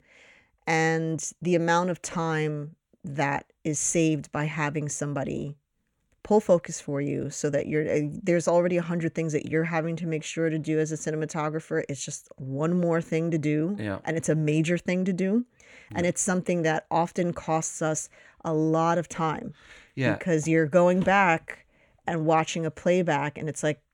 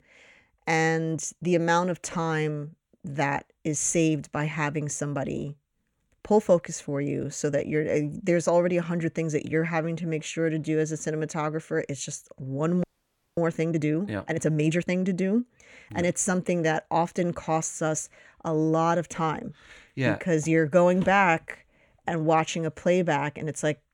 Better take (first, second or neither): first